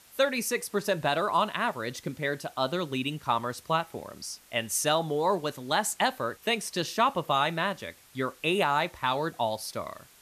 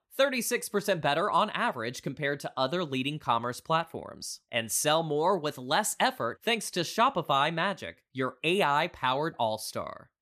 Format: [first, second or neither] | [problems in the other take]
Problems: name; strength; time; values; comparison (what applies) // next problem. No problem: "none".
second | hiss; faint; throughout; 25 dB below the speech